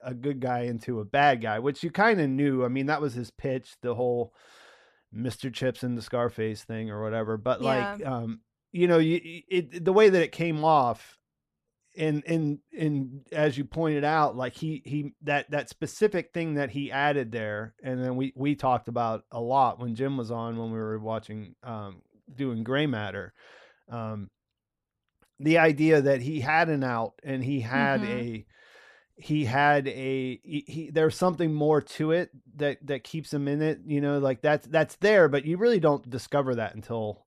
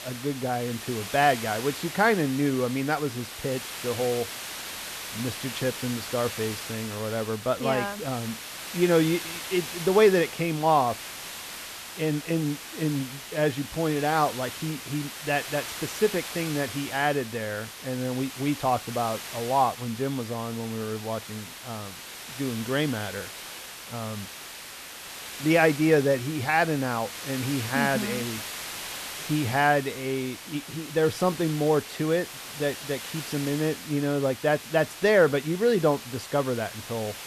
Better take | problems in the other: first | hiss; loud; throughout; 9 dB below the speech

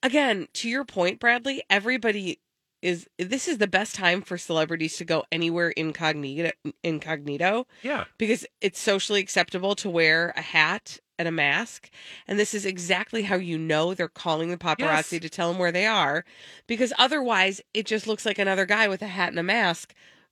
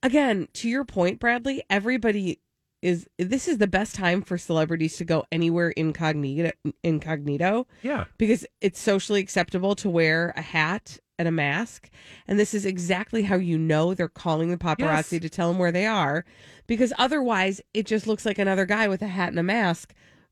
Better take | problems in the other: second | thin; very slightly; fading below 450 Hz

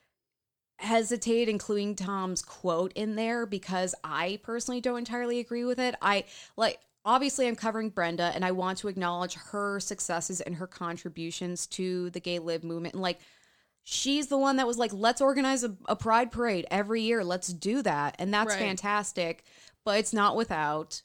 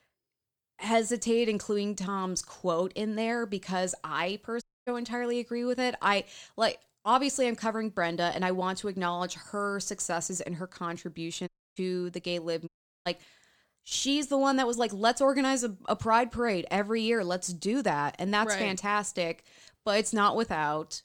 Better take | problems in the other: first | audio cutting out; at 4.5 s, at 11 s and at 13 s

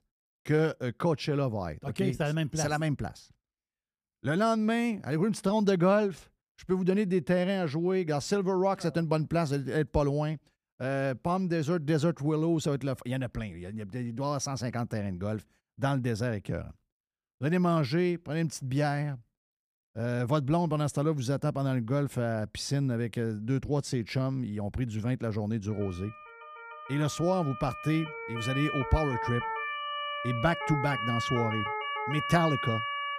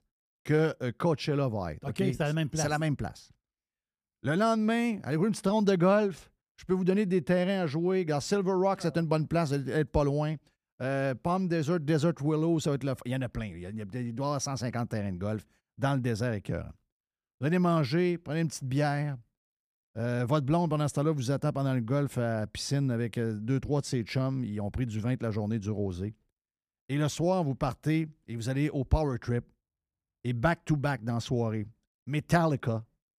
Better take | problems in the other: second | siren; noticeable; from 26 s on; peak 2 dB below the speech

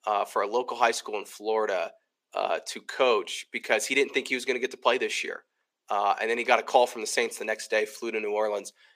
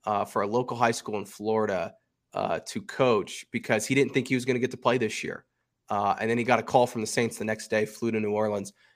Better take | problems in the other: second | thin; somewhat; fading below 400 Hz

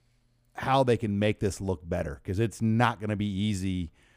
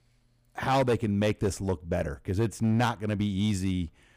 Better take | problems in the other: first | distortion; slight; 5% of the sound clipped

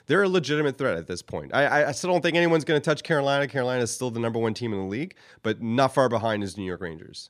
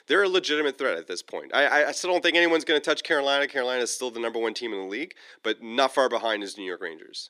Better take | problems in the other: first | thin; somewhat; fading below 300 Hz

